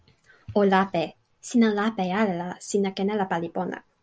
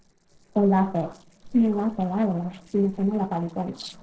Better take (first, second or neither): first